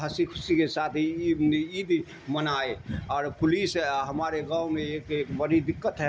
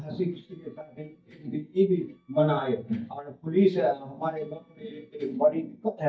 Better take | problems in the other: first | noise reduction (neural mask model DeepFilterNet 3)

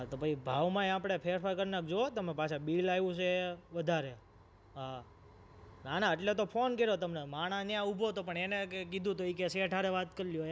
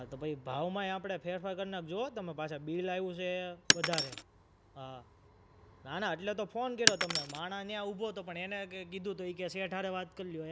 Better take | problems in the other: first | background sound (Shatter); 3 dB above the speech

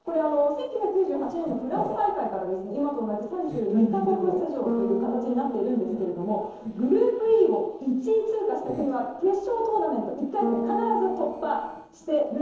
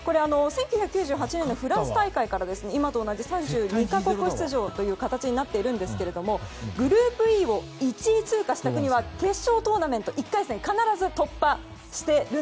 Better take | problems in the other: second | noise reduction (neural separator model SepFormer DNS4)

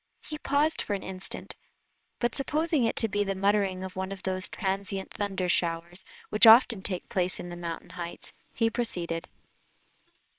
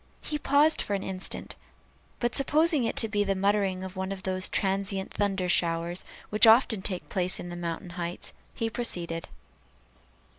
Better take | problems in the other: second | noise reduction (neural separator model SepFormer WHAMR!)

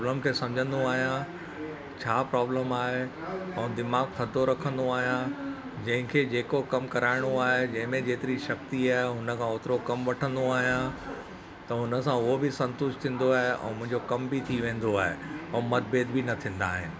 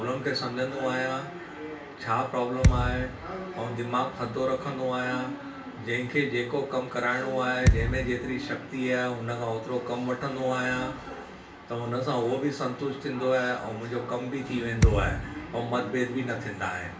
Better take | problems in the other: first | background sound (Thump, thud); 3 dB above the speech // room echo; dies away in 0.4 s

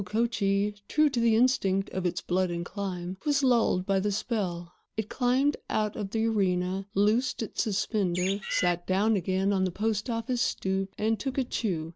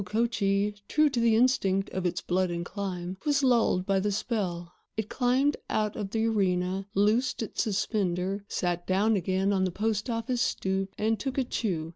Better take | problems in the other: second | background sound (Bird); 6 dB below the speech

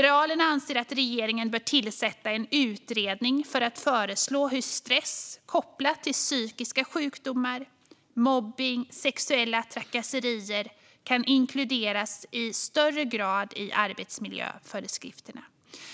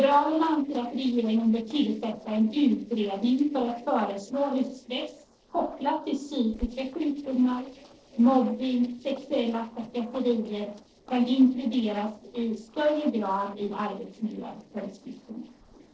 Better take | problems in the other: first | noise reduction (neural separator model SepFormer DNS4)

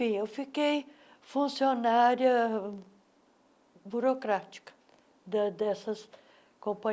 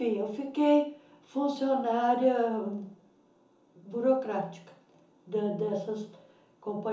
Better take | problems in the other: first | room echo; dies away in 0.7 s

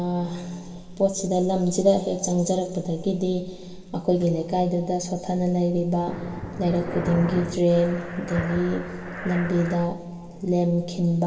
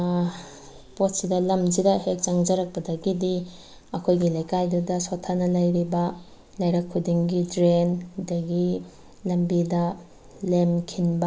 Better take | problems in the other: second | background sound (Breathing); 10 dB below the speech // room echo; dies away in 2 s

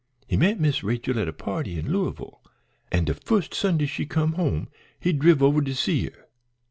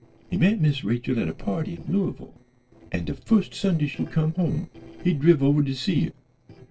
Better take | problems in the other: first | noise reduction (neural separator model SepFormer DNS4)

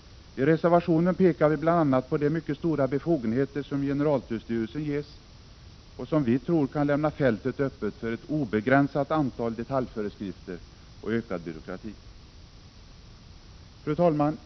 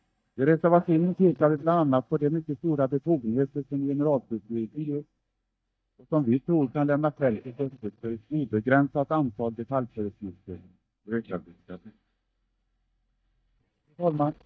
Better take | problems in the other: first | noise reduction (neural mask model DeepFilterNet 3)

